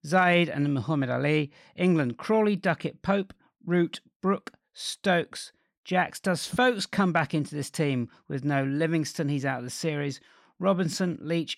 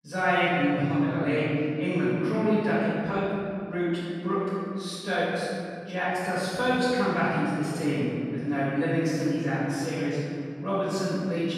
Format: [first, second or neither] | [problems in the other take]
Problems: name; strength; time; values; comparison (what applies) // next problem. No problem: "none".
first | off-mic speech; far // room echo; strong; dies away in 2.2 s